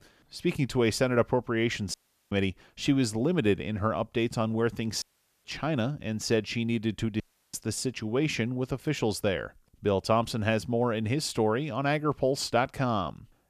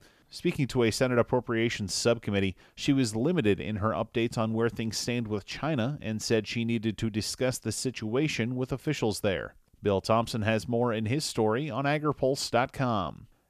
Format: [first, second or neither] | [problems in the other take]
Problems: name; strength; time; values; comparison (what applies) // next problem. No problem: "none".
second | audio cutting out; at 2 s, at 5 s and at 7 s